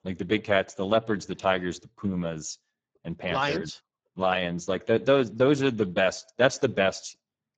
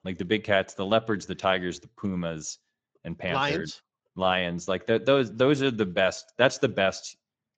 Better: second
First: garbled, watery; badly; nothing above 7.5 kHz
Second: garbled, watery; slightly; nothing above 7.5 kHz

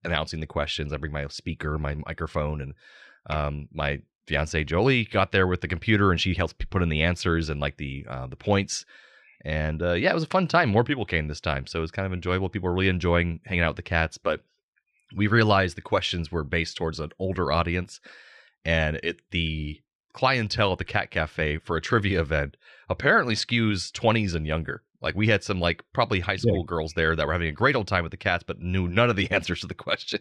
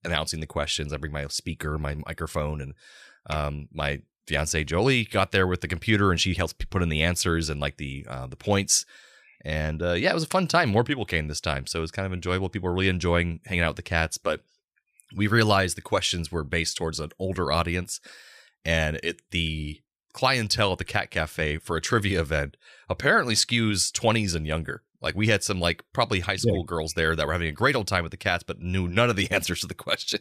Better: second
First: muffled; very slightly; fading above 3.5 kHz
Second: none

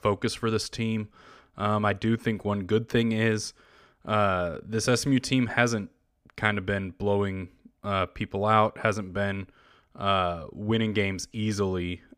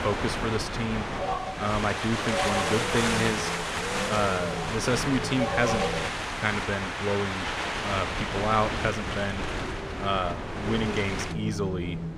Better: first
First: none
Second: wind in the background; very loud; throughout; as loud as the speech

